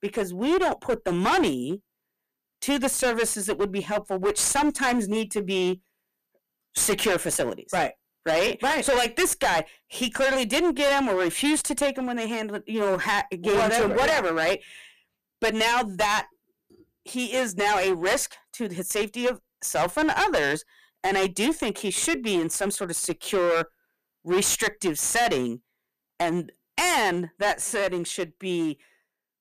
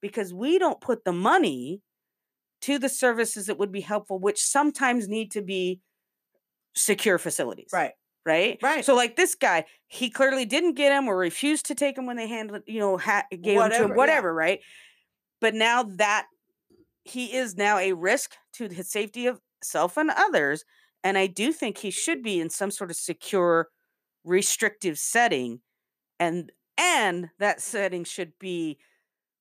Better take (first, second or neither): second